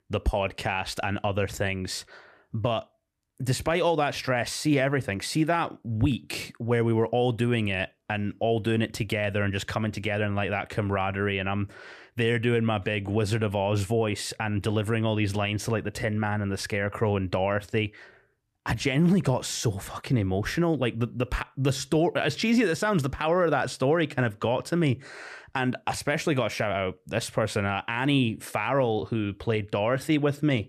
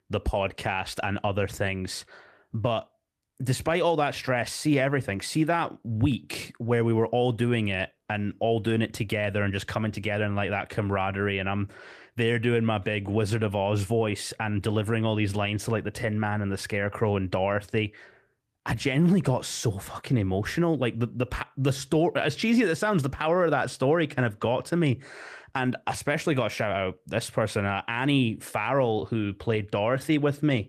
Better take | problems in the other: first | garbled, watery; slightly; nothing above 14.5 kHz

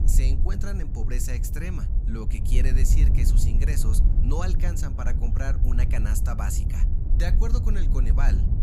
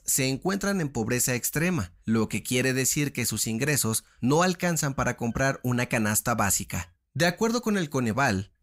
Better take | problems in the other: second | wind noise on the microphone; heavy; 5 dB below the speech

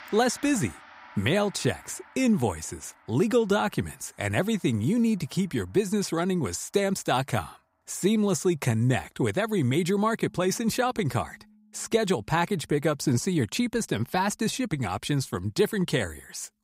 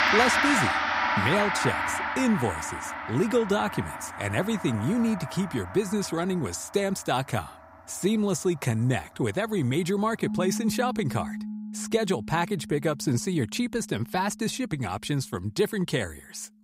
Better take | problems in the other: first | background music; loud; throughout; 2 dB below the speech; faint in the first

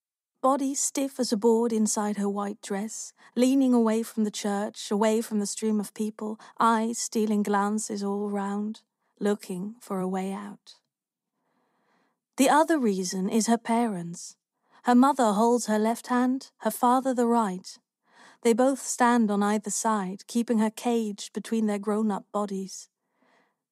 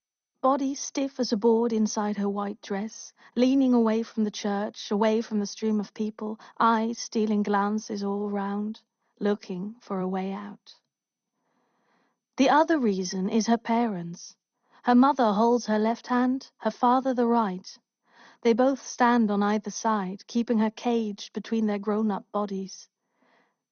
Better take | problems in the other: first | garbled, watery; slightly; nothing above 6.5 kHz

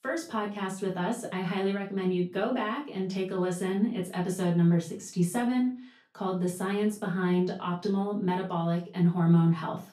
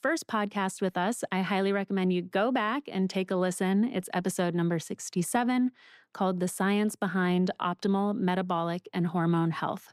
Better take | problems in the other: second | off-mic speech; far // room echo; slight; dies away in 0.3 s

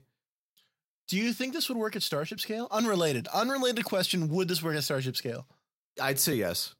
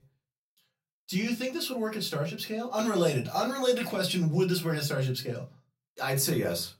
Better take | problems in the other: first | off-mic speech; far // room echo; very slight; dies away in 0.2 s

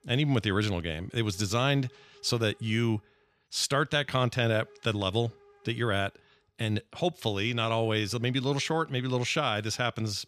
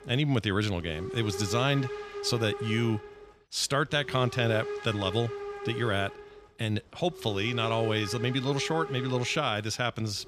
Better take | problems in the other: first | hiss; loud; throughout; 9 dB below the speech; faint in the first

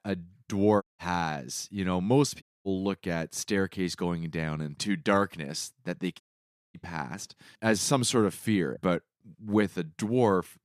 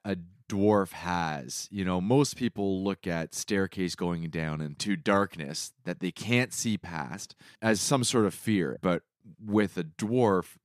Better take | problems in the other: second | audio cutting out; at 1 s, at 2.5 s and at 6 s for 0.5 s

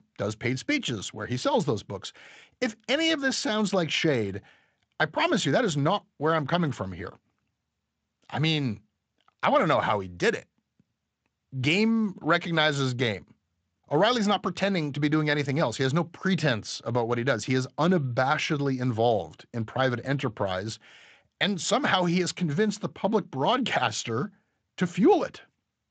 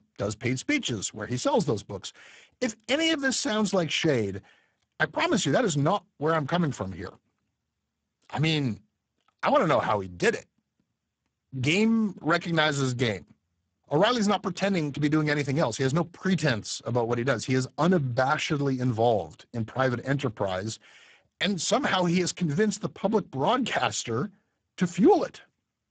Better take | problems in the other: first | garbled, watery; badly; nothing above 7.5 kHz; slightly in the first

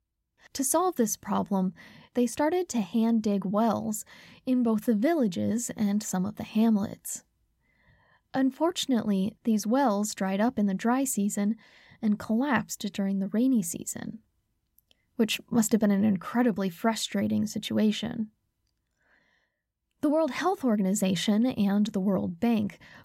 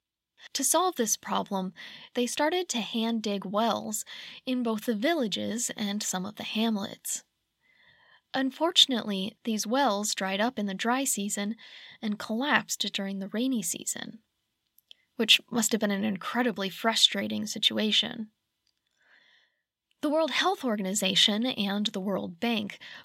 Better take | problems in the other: first | thin; very slightly; fading below 350 Hz

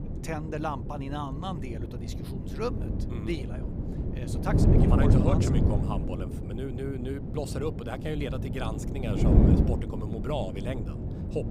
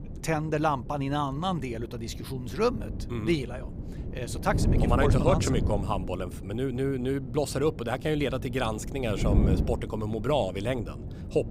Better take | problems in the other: second | wind noise on the microphone; heavy; 1 dB below the speech; occasional gusts in the second

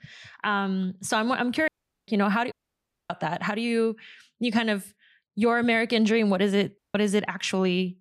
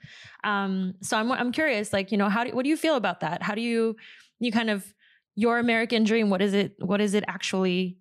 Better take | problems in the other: second | audio cutting out; at 1.5 s, at 2.5 s for 0.5 s and at 7 s

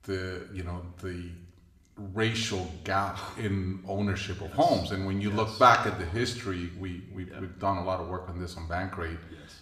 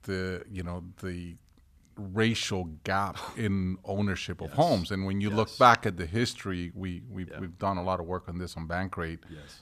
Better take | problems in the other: second | room echo; slight; dies away in 0.8 s

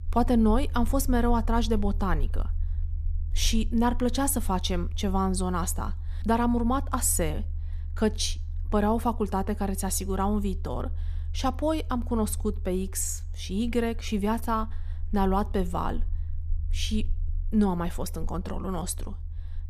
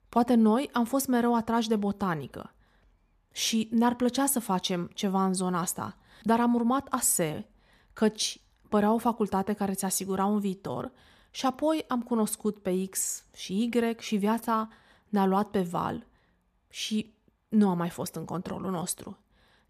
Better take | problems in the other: second | low rumble; faint; throughout; 25 dB below the speech

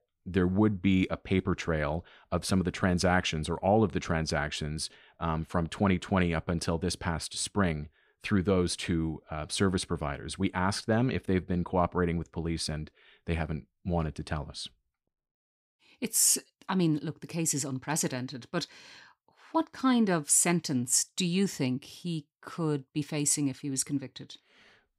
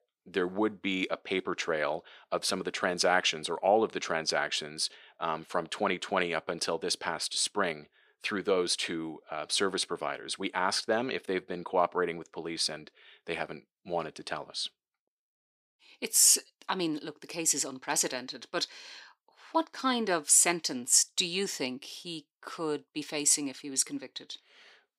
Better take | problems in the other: first | thin; somewhat; fading below 450 Hz

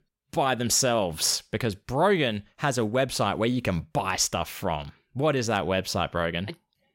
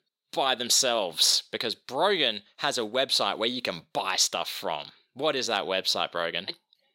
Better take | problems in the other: first | thin; somewhat; fading below 350 Hz

